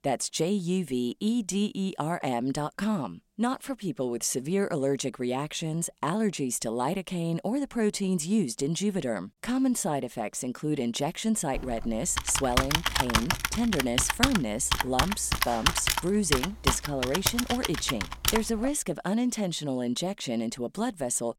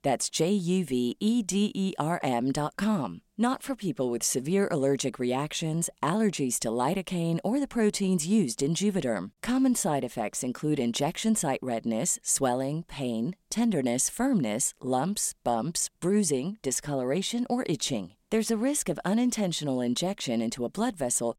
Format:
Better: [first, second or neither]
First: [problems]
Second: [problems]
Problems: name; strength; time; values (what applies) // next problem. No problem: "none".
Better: second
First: keyboard typing; loud; from 12 to 19 s; peak 4 dB above the speech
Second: none